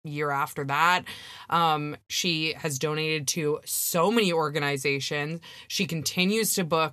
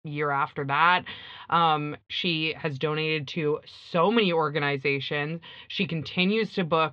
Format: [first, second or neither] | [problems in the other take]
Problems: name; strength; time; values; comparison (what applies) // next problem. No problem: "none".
first | muffled; slightly; fading above 3.5 kHz